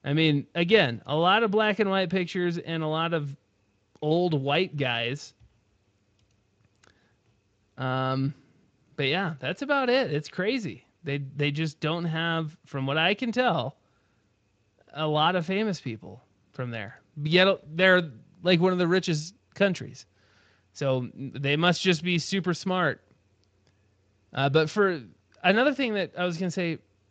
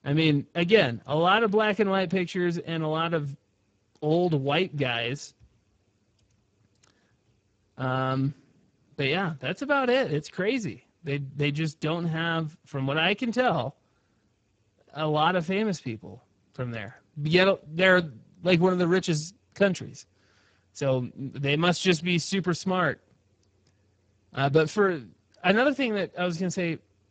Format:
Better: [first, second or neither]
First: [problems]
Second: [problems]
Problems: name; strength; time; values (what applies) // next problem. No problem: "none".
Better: first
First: garbled, watery; slightly; nothing above 7.5 kHz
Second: garbled, watery; badly; nothing above 8 kHz